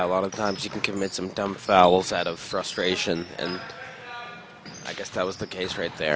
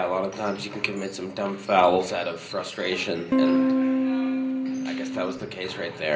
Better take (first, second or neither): first